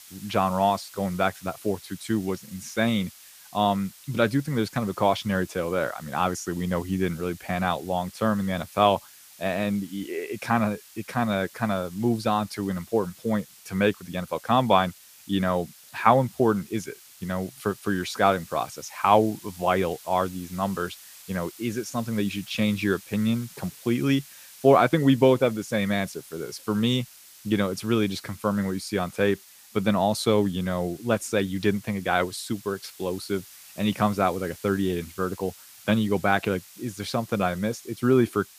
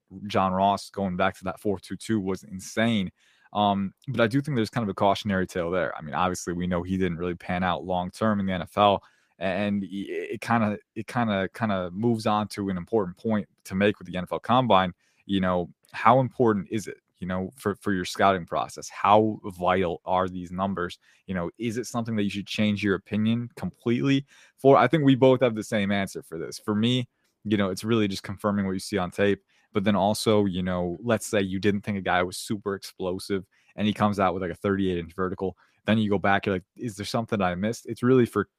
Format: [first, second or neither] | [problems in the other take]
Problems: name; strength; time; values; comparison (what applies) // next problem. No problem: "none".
second | hiss; faint; throughout; 20 dB below the speech